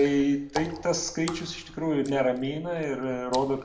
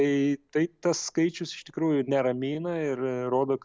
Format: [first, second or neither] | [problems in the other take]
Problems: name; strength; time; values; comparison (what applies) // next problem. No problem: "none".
second | background sound (Water / Splash, splatter); 15 dB below the speech // room echo; dies away in 0.5 s